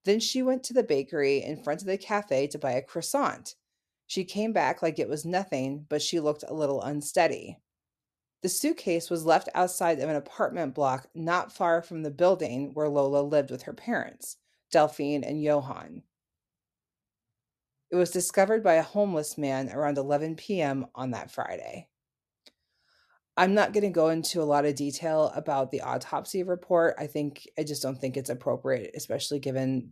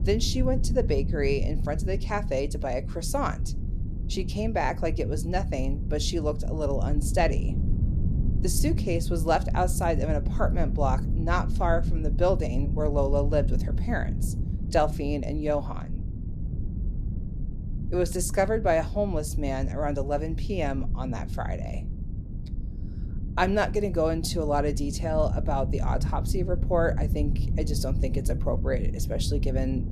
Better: first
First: none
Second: low rumble; noticeable; throughout; 15 dB below the speech

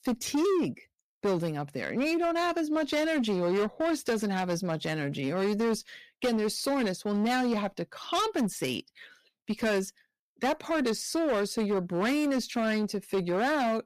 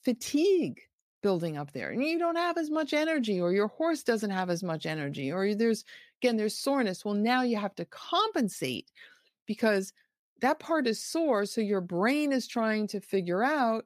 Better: second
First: distortion; slight; 13% of the sound clipped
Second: none

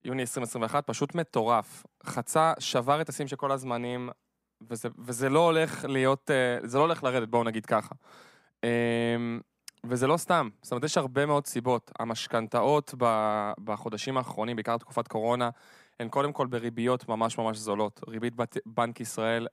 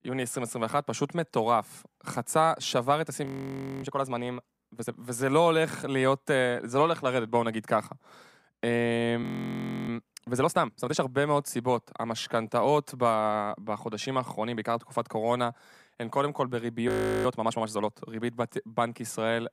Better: first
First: none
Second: audio freezing; at 3.5 s for 0.5 s, at 9 s for 0.5 s and at 17 s

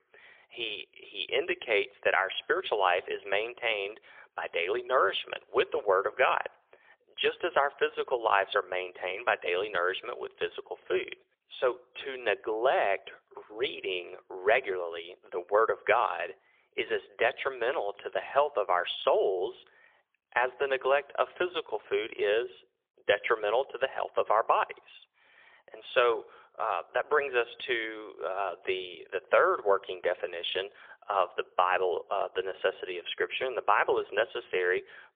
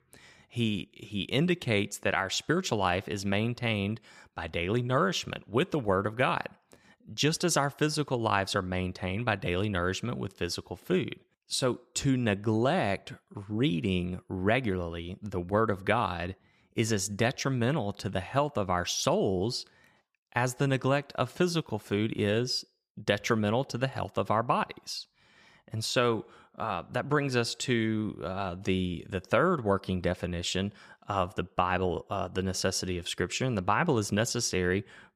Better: second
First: phone-call audio; poor line; nothing above 3.5 kHz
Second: none

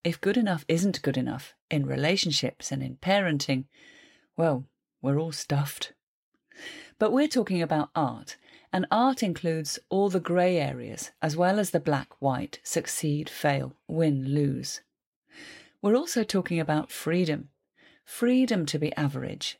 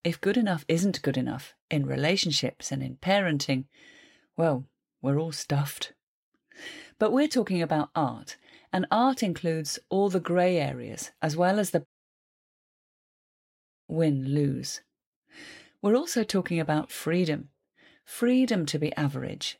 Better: first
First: none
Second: audio cutting out; at 12 s for 2 s

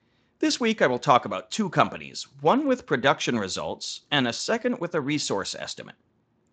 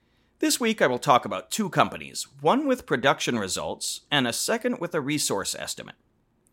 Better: second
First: garbled, watery; slightly; nothing above 8 kHz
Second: none

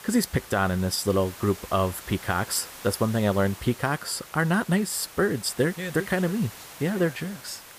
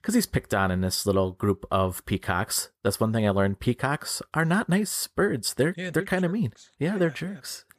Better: second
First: hiss; noticeable; throughout; 15 dB below the speech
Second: none

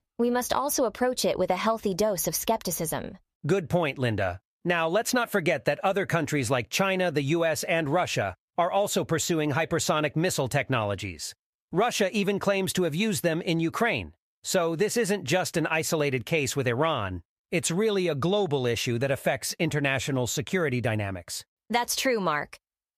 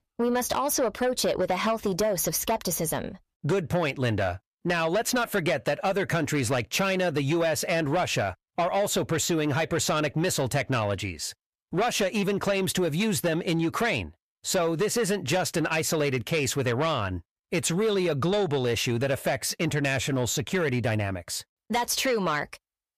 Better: first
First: none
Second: distortion; slight; 10 dB below the speech

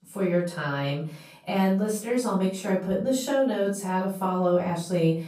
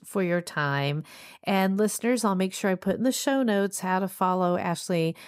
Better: second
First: off-mic speech; far // room echo; noticeable; dies away in 0.4 s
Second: none

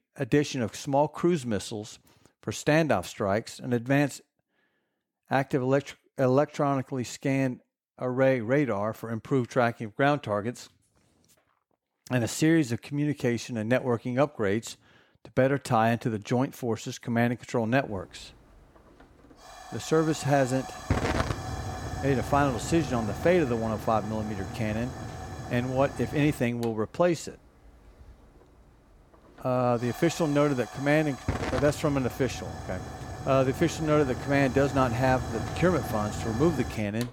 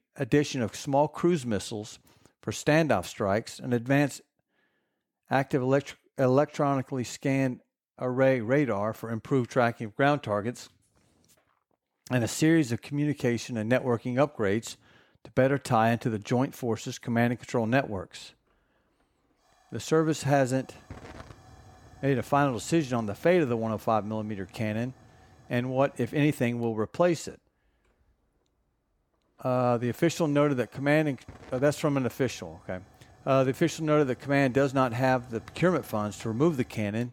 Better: second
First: hiss; loud; from 18 s on; 9 dB below the speech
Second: hiss; faint; from 18 s on; 25 dB below the speech

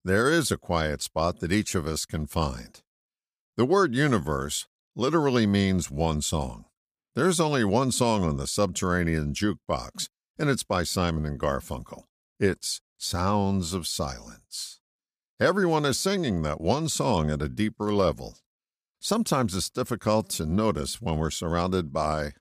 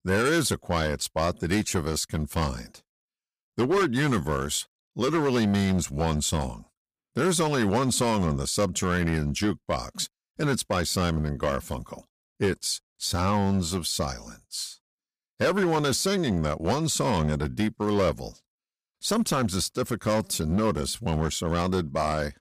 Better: first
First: none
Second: distortion; slight; 7% of the sound clipped

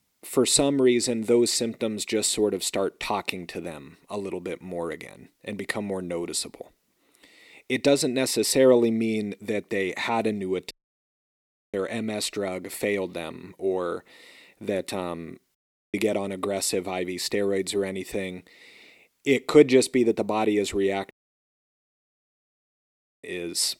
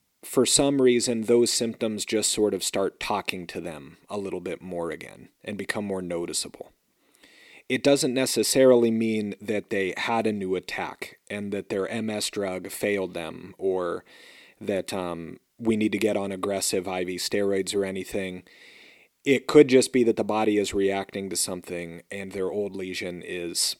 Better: second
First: audio cutting out; at 11 s for 1 s, at 16 s and at 21 s for 2 s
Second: none

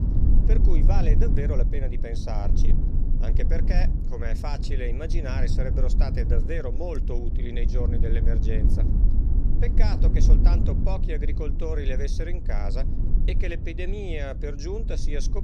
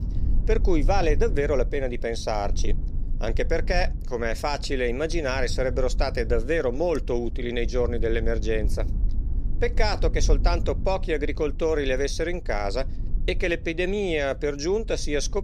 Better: second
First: low rumble; loud; throughout; 5 dB below the speech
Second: low rumble; faint; throughout; 20 dB below the speech

